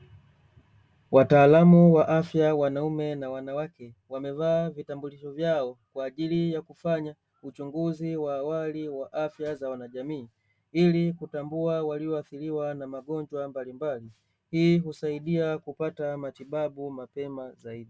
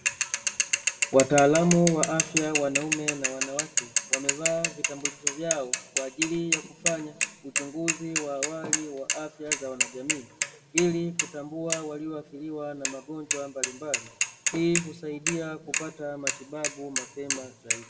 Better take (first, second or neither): first